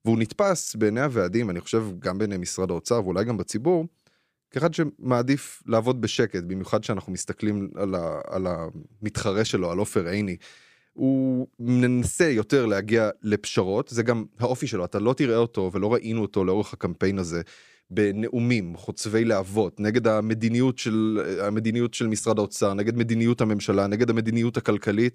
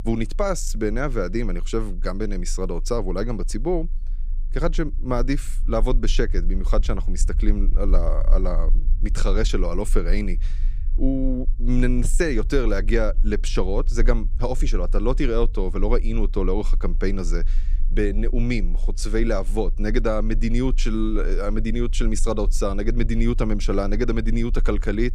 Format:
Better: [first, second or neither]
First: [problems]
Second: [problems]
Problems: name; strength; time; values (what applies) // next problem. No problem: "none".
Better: first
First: none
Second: low rumble; faint; throughout; 25 dB below the speech